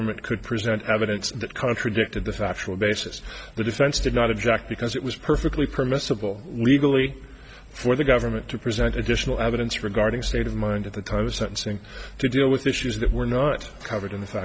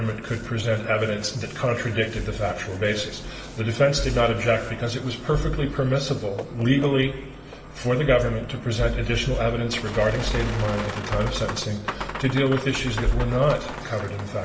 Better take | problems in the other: first | background sound (Boat, Water vehicle); 13 dB below the speech // room echo; dies away in 1 s

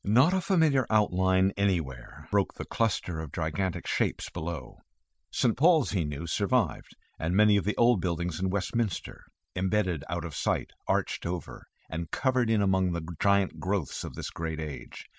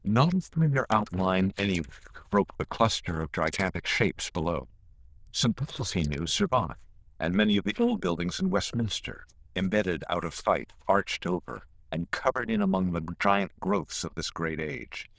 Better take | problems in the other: first | noise reduction (neural diffusion model UNIVERSE++)

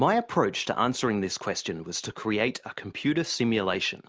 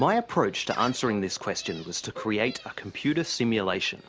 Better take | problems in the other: first | background sound (Bowed string instrument + Gull, seagull); 18 dB below the speech

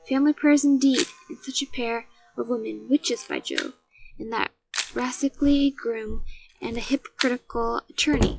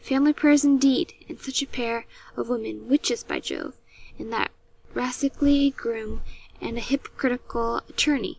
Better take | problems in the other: second | noise reduction (classical method log-MMSE)

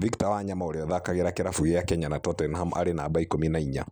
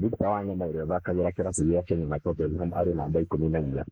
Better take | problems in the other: first | noise reduction (neural mask model Resemble Enhance denoiser)

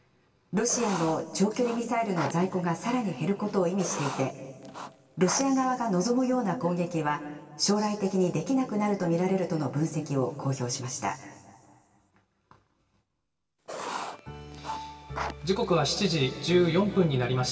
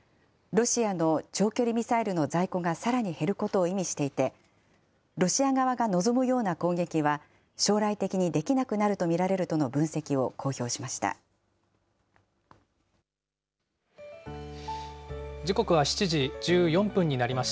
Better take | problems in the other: second | background sound (Writing); 10 dB below the speech // room echo; dies away in 2.3 s

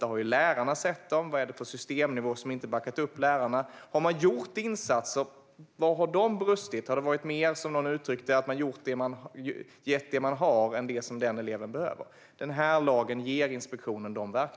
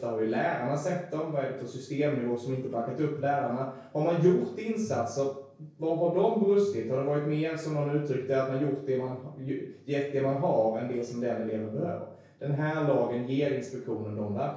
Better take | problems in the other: first | noise reduction (neural separator model SepFormer DNS4)

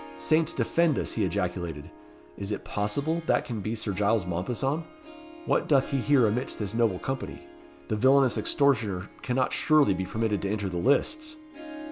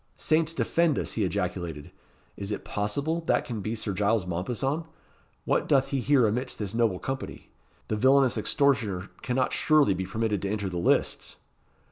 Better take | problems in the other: second | background sound (Harp); 17 dB below the speech

